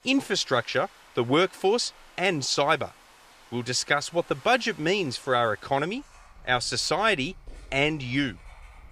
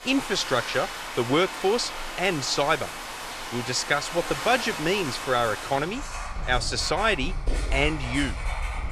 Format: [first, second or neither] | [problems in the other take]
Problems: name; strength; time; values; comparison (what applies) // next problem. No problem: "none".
first | household noises; loud; throughout; 7 dB below the speech; faint in the first